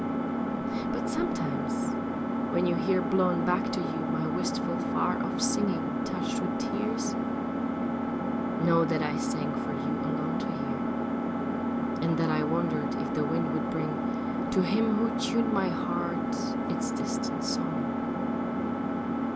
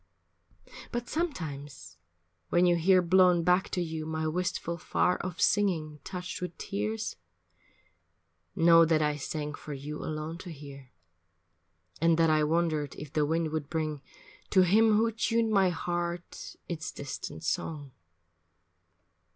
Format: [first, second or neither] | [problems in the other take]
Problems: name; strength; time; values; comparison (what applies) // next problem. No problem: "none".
second | background sound (Engine); 4 dB above the speech